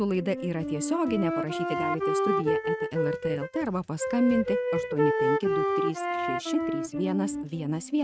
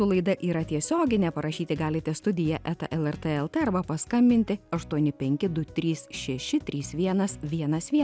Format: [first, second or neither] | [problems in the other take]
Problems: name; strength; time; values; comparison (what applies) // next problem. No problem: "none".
second | noise reduction (neural mask model RNNoise)